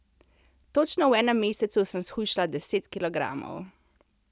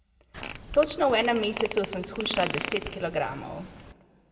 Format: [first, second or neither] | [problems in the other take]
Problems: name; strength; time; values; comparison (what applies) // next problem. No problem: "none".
first | background sound (Fart); 8 dB below the speech // room echo; dies away in 1.6 s